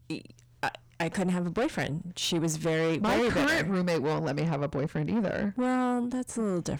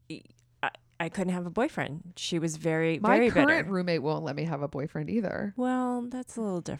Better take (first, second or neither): second